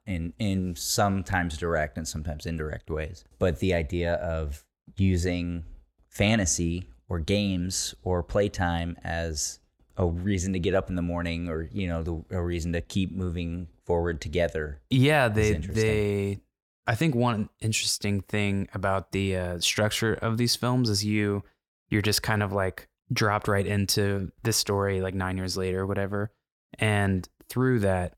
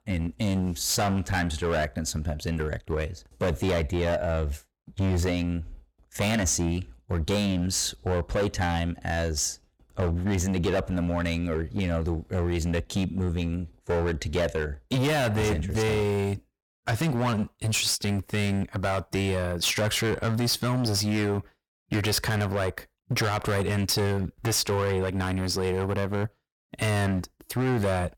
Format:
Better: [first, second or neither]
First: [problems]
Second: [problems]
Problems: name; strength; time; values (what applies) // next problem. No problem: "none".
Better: first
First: none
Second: distortion; heavy; 17% of the sound clipped